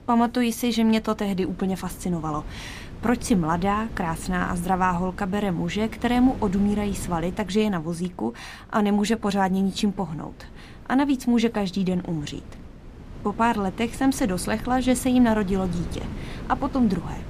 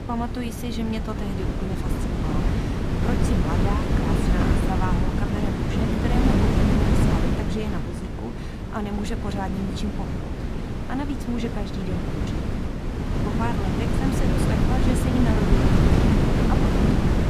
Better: first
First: wind noise on the microphone; occasional gusts; 20 dB below the speech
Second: wind noise on the microphone; heavy; 4 dB above the speech

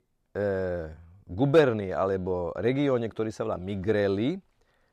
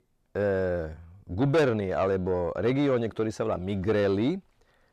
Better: first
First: none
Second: distortion; slight; 10 dB below the speech

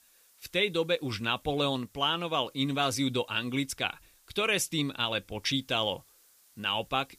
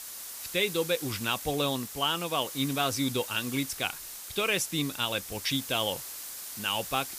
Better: first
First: hiss; faint; throughout; 30 dB below the speech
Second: hiss; loud; throughout; 8 dB below the speech

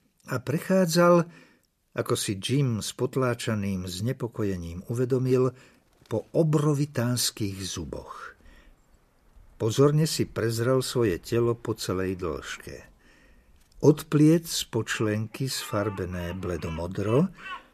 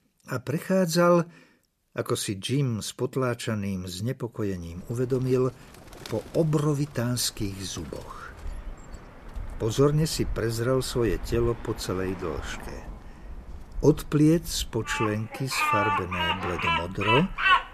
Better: first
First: animal sounds; faint; from 4.5 s on; 20 dB below the speech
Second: animal sounds; loud; from 4.5 s on; 3 dB below the speech

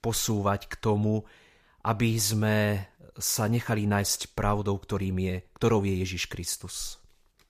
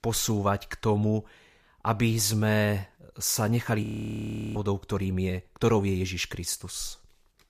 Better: first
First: none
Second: audio freezing; at 4 s for 0.5 s

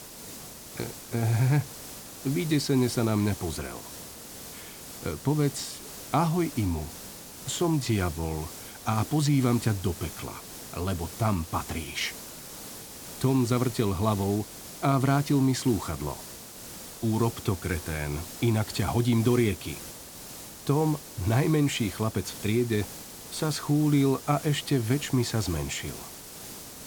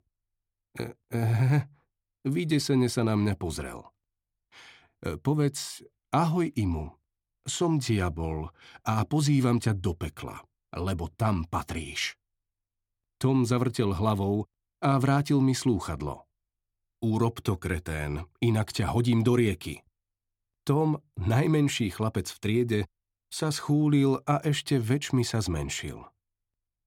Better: second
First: hiss; noticeable; throughout; 15 dB below the speech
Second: none

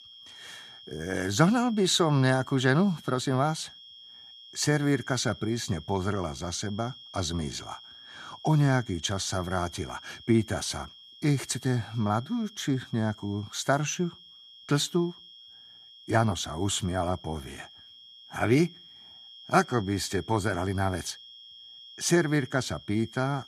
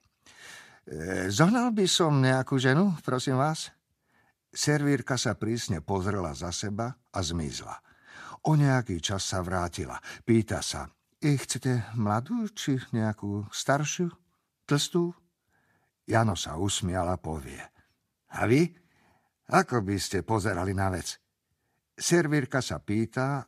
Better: second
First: high-pitched whine; noticeable; throughout; 3 kHz, 20 dB below the speech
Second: none

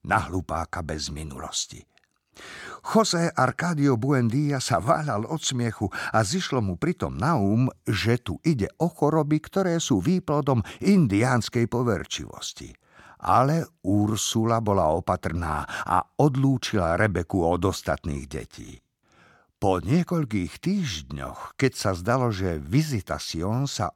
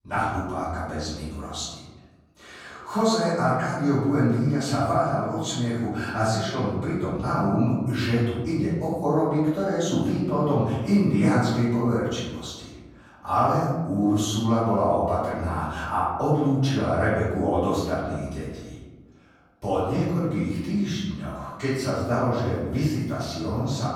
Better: first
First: none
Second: room echo; noticeable; dies away in 1.1 s // off-mic speech; far

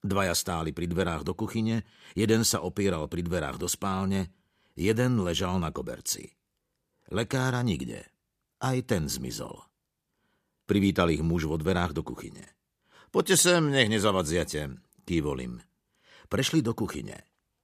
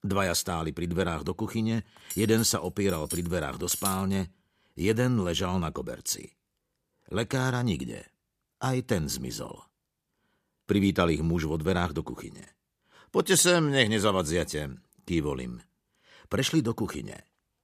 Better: first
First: none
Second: clattering dishes; noticeable; from 2 to 4 s; peak 4 dB below the speech

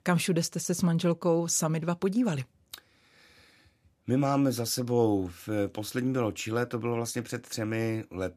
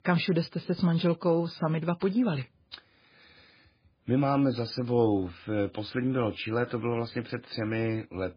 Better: first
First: none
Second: garbled, watery; badly; nothing above 5 kHz

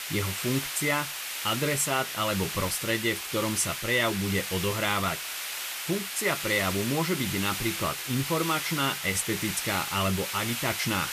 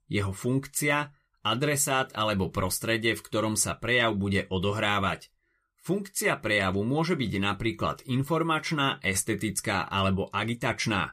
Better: second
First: hiss; loud; throughout; 3 dB below the speech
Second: none

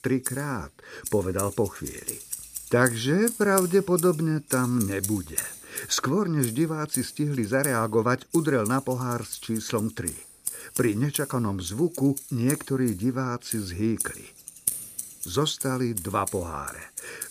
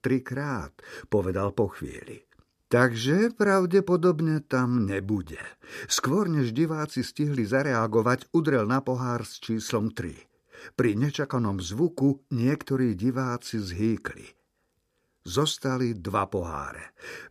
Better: second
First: household noises; loud; throughout; 7 dB below the speech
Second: none

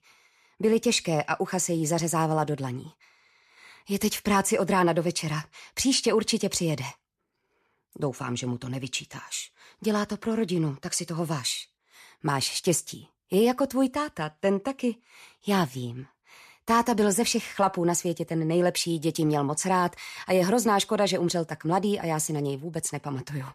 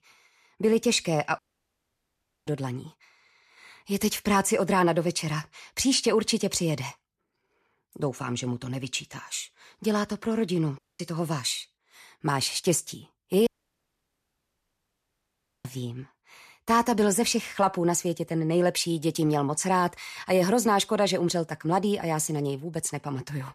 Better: first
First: none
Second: audio cutting out; at 1.5 s for 1 s, at 11 s and at 13 s for 2 s

